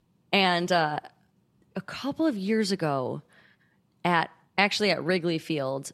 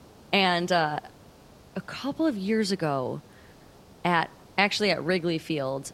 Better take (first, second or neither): first